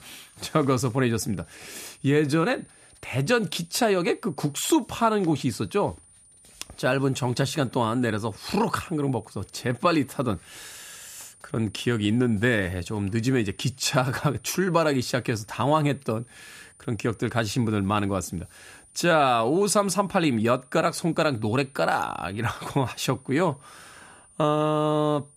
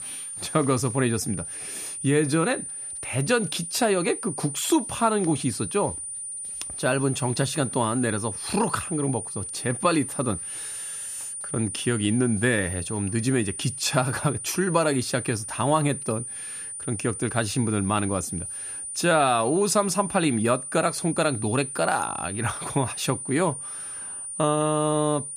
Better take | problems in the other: first | high-pitched whine; loud; throughout; 9.5 kHz, 7 dB below the speech; faint in the first

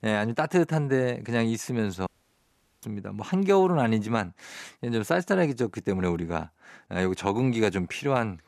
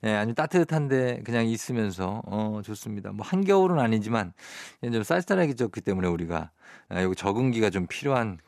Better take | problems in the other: second | audio cutting out; at 2 s for 1 s

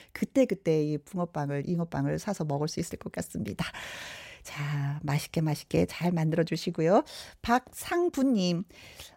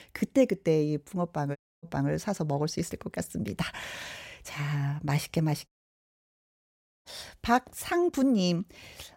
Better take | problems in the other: first | audio cutting out; at 1.5 s and at 5.5 s for 1.5 s

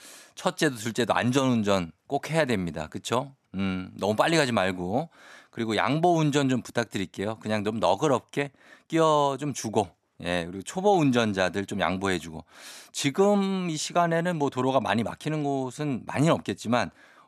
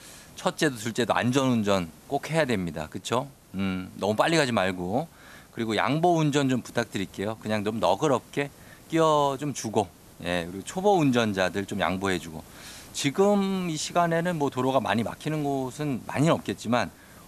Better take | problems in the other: first | hiss; faint; throughout; 25 dB below the speech

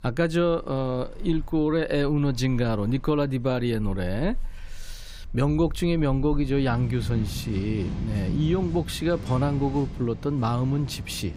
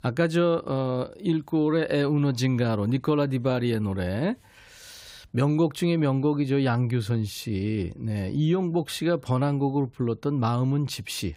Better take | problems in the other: second | rain or running water; noticeable; throughout; 10 dB below the speech

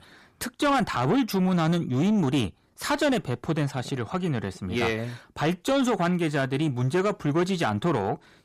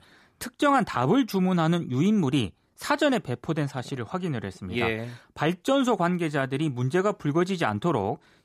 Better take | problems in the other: second | distortion; slight; 10 dB below the speech

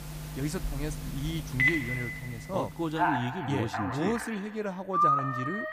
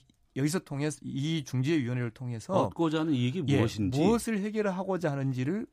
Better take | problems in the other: second | alarms or sirens; very loud; throughout; 3 dB above the speech

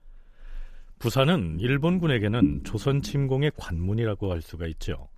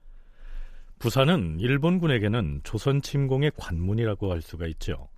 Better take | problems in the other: second | low rumble; loud; from 1.5 to 3.5 s; 4 dB below the speech

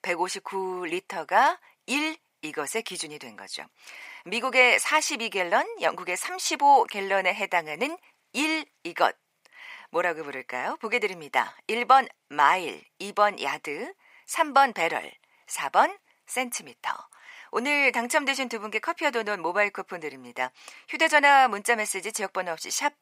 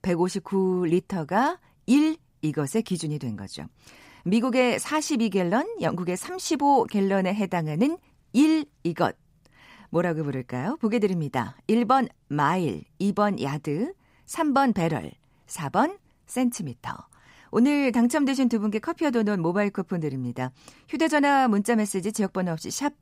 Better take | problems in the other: second | thin; very; fading below 700 Hz

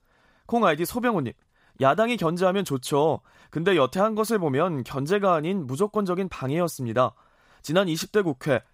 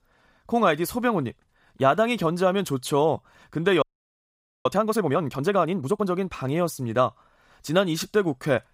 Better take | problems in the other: first | audio freezing; at 4 s for 1 s

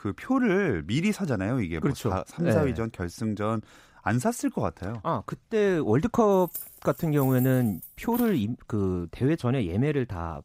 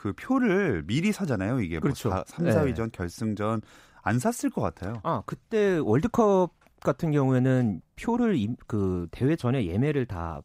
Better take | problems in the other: second | jangling keys; faint; from 6.5 to 8.5 s; peak 10 dB below the speech

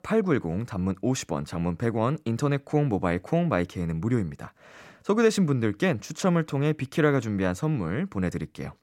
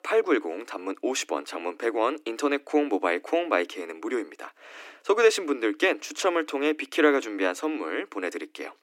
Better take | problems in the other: first | thin; somewhat; fading below 300 Hz

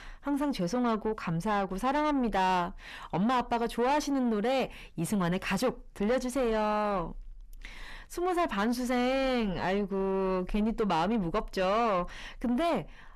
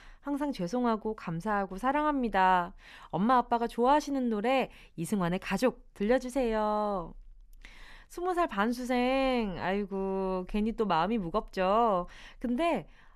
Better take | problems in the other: second | distortion; heavy; 7 dB below the speech

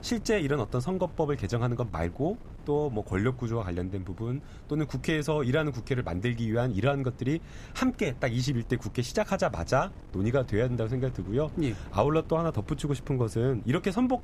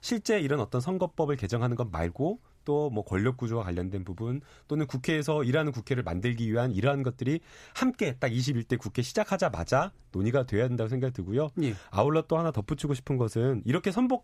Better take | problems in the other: second | wind noise on the microphone; occasional gusts; 20 dB below the speech

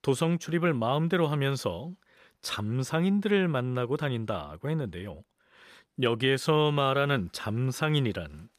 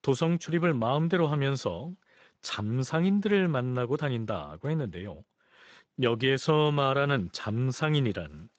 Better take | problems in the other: first | garbled, watery; slightly; nothing above 7.5 kHz

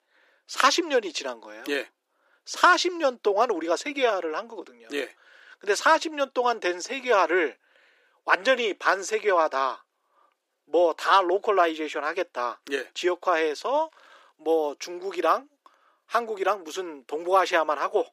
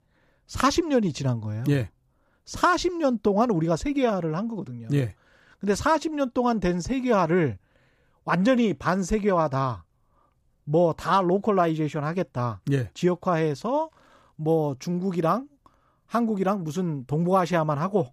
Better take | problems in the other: second | thin; very; fading below 350 Hz

